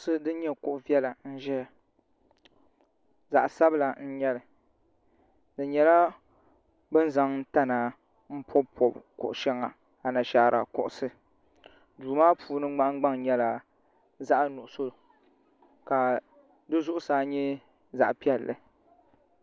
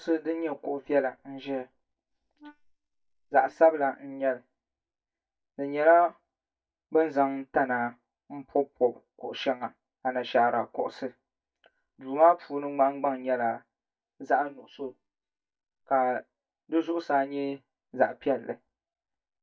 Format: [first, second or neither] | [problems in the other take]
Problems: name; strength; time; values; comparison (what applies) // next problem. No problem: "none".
first | noise reduction (neural mask model DeepFilterNet 3)